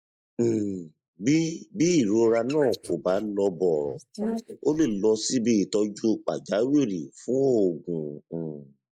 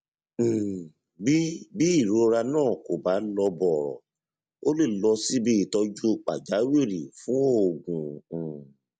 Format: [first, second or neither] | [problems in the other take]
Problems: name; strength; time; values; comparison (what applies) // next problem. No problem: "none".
second | noise reduction (neural mask model Resemble Enhance denoiser)